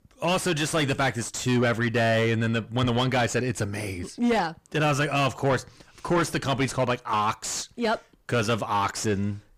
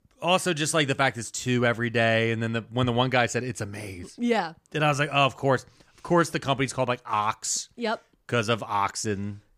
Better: second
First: distortion; heavy; 7 dB below the speech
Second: none

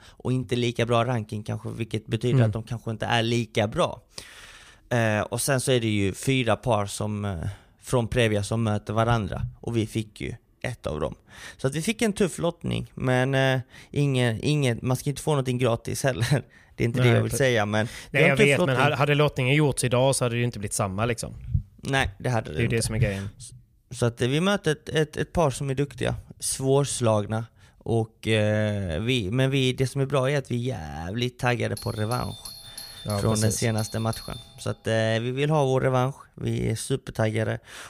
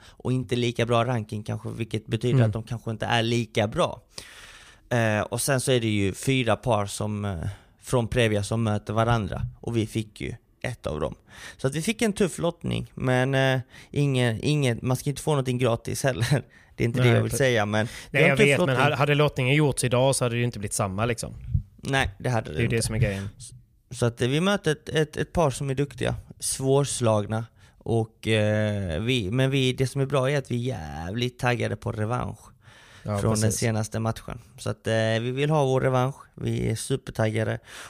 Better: second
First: doorbell; faint; from 32 to 35 s; peak 10 dB below the speech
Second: none

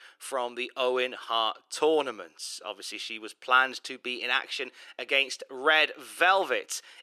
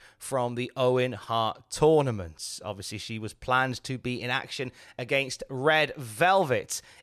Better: second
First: thin; somewhat; fading below 300 Hz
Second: none

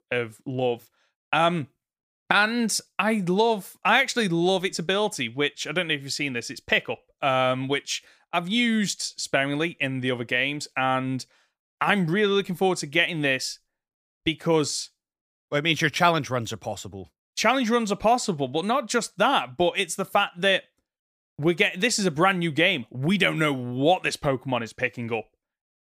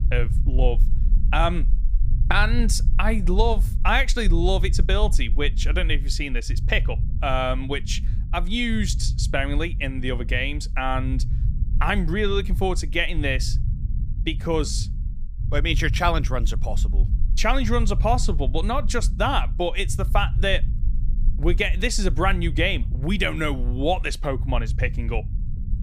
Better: first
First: none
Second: low rumble; noticeable; throughout; 20 dB below the speech

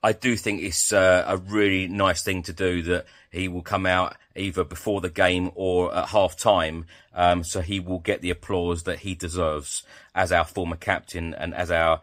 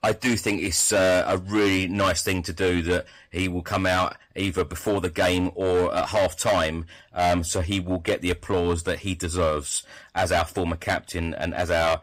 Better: first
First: none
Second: distortion; heavy; 10% of the sound clipped

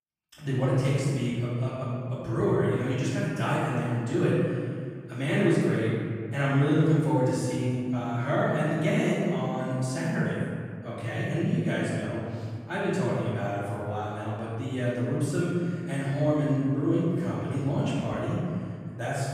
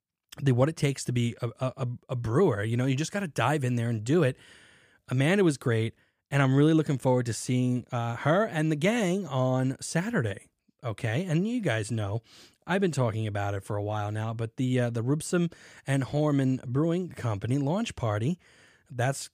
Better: second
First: off-mic speech; far // room echo; strong; dies away in 2 s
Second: none

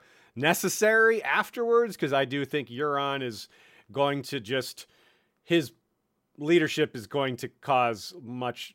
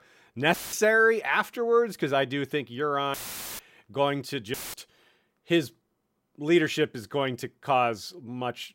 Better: first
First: none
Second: audio cutting out; filled with static; at 0.5 s, at 3 s and at 4.5 s

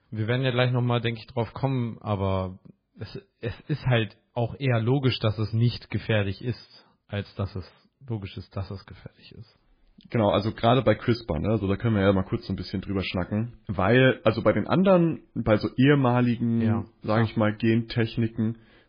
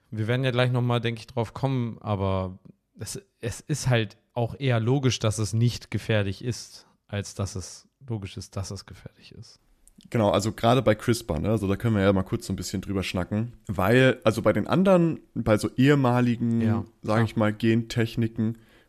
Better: second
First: garbled, watery; badly; nothing above 5 kHz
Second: none

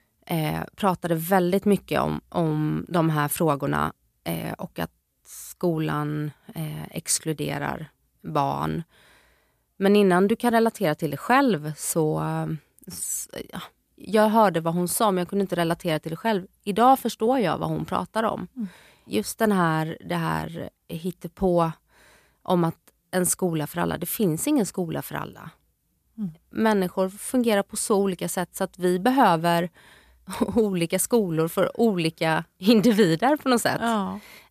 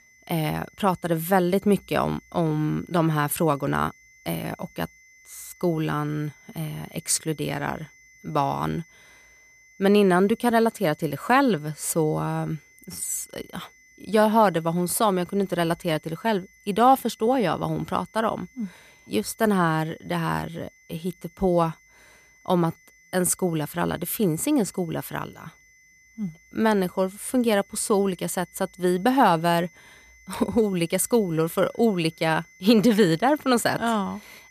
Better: first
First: none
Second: high-pitched whine; faint; throughout; 2 kHz, 30 dB below the speech

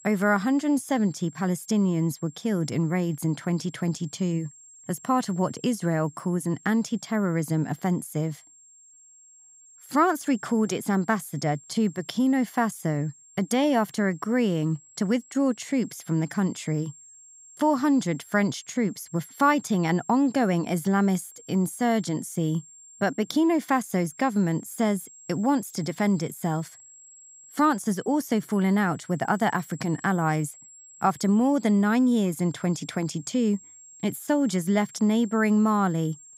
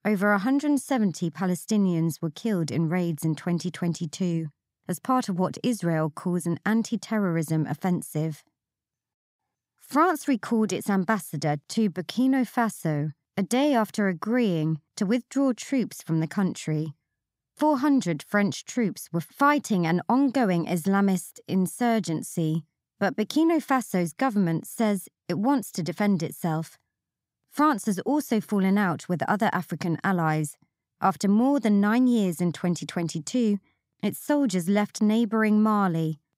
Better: second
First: high-pitched whine; faint; throughout; 7.5 kHz, 20 dB below the speech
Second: none

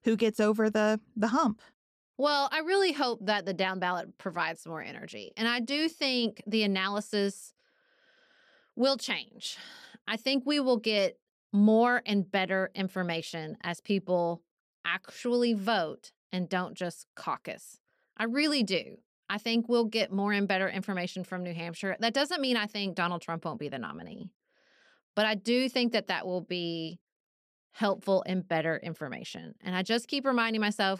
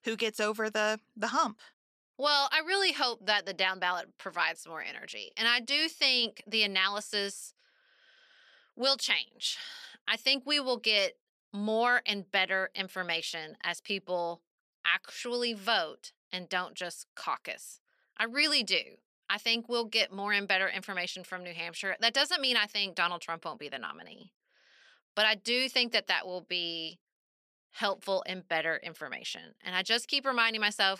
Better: first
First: none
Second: thin; somewhat; fading below 1 kHz

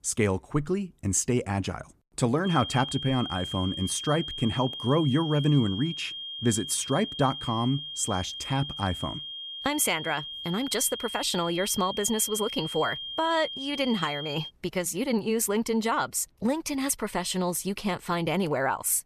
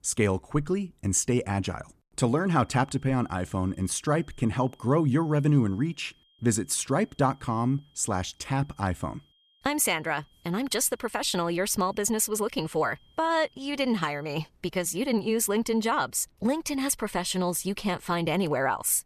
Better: second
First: high-pitched whine; loud; from 2.5 to 14 s; 3 kHz, 7 dB below the speech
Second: high-pitched whine; faint; from 2.5 to 14 s; 3 kHz, 35 dB below the speech

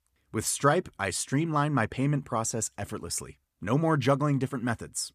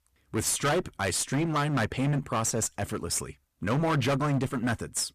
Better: first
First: none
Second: distortion; heavy; 17% of the sound clipped

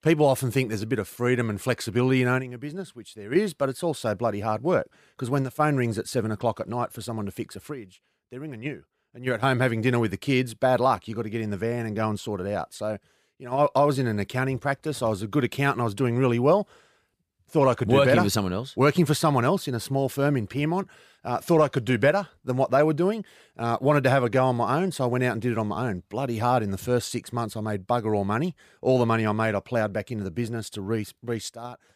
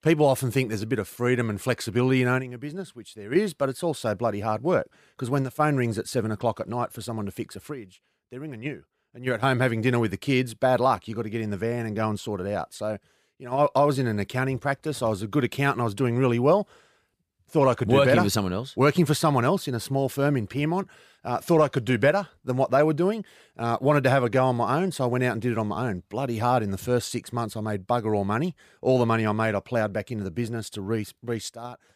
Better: neither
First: none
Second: none

